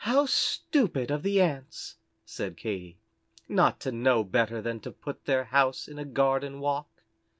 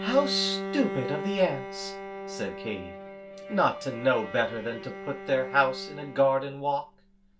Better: first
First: none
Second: background sound (Bowed string instrument); 9 dB below the speech // room echo; dies away in 0.2 s

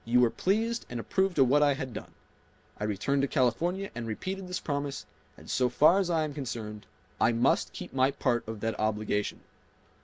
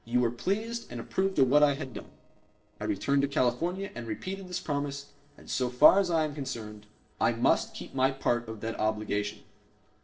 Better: first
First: none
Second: noise reduction (neural separator model SepFormer DNS4)

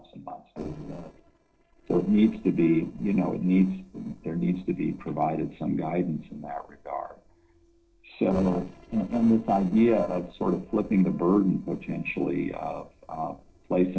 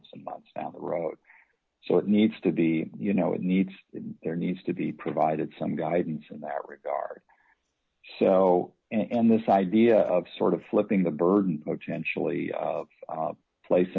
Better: second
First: noise reduction (neural separator model SepFormer DNS4)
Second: none

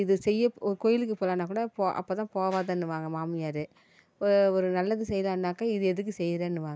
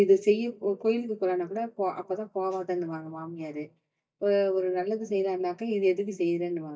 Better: first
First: none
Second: noise reduction (neural mask model DeepFilterNet 3)

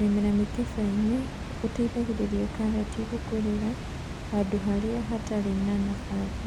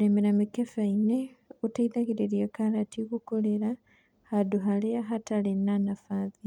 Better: second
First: background sound (Water); 6 dB below the speech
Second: none

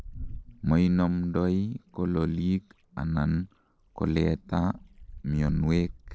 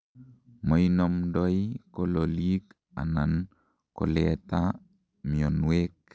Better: second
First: background sound (Wind); 16 dB below the speech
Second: none

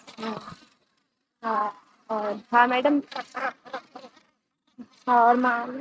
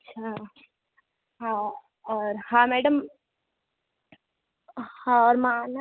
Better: second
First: noise reduction (neural mask model RNNoise)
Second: none

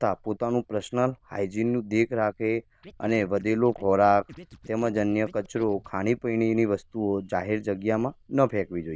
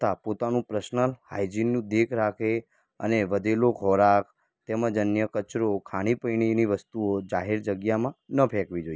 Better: second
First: noise reduction (neural diffusion model UNIVERSE++)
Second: none

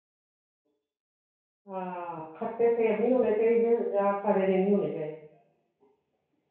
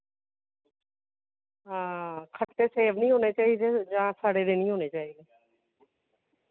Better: second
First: room echo; dies away in 0.6 s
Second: none

